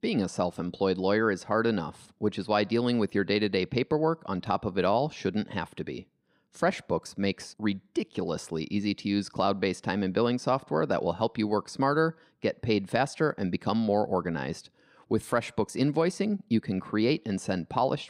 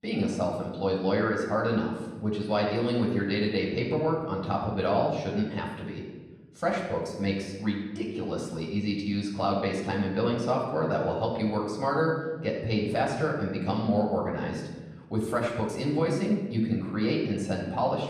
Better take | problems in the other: first | room echo; noticeable; dies away in 1.1 s // off-mic speech; far

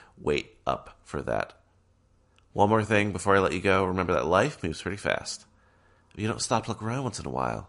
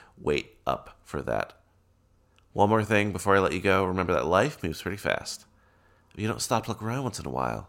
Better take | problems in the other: second | garbled, watery; slightly; nothing above 10.5 kHz

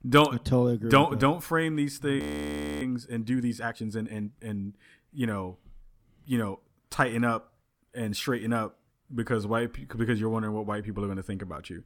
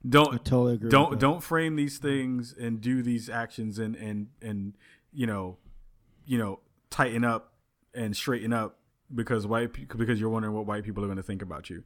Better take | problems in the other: second | audio freezing; at 2 s for 0.5 s

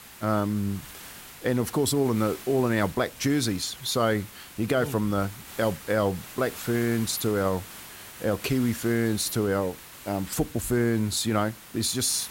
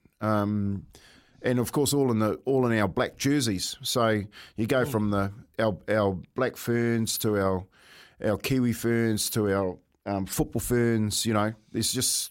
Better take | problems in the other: second | hiss; noticeable; throughout; 15 dB below the speech

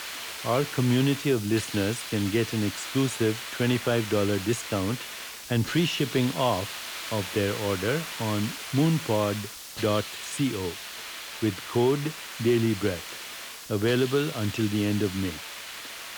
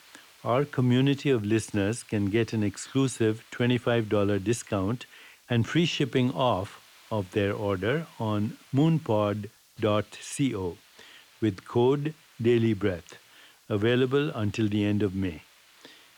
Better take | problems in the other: second | hiss; loud; throughout; 8 dB below the speech; faint in the second

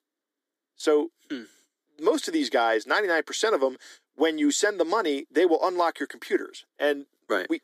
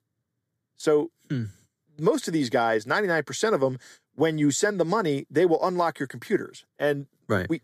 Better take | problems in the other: second | thin; very slightly; fading below 300 Hz

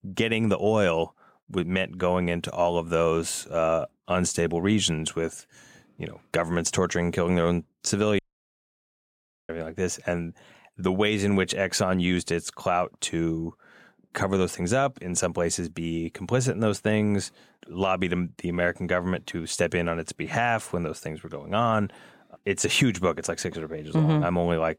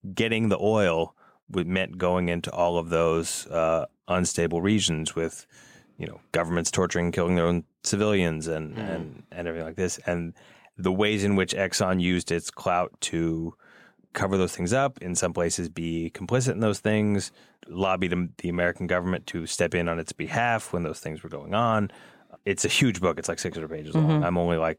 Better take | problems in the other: second | audio cutting out; at 8 s for 1.5 s

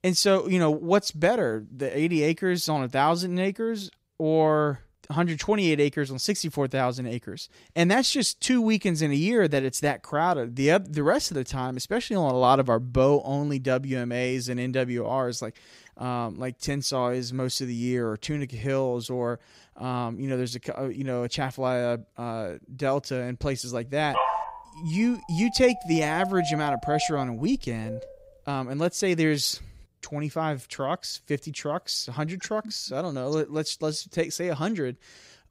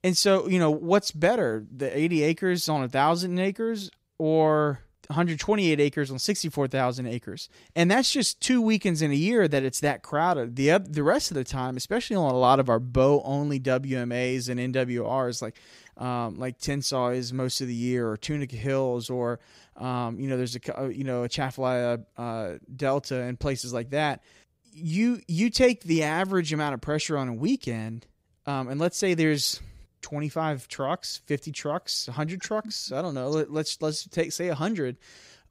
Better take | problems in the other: second | dog barking; loud; from 24 to 28 s; peak level with the speech

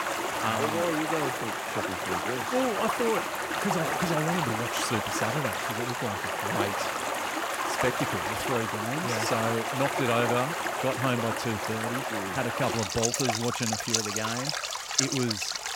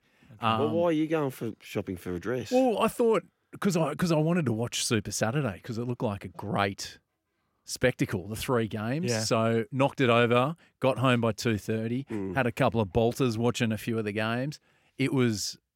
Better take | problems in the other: second | rain or running water; very loud; throughout; 2 dB above the speech

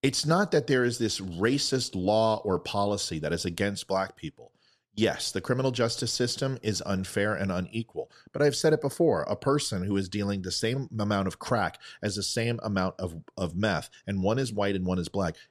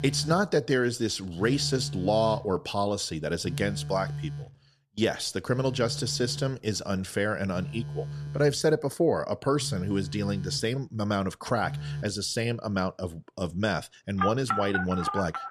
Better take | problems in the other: first | alarms or sirens; loud; throughout; 7 dB below the speech

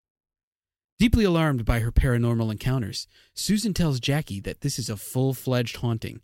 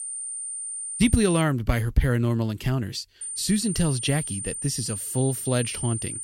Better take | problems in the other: first | high-pitched whine; loud; until 1.5 s and from 3 s on; 9 kHz, 5 dB below the speech

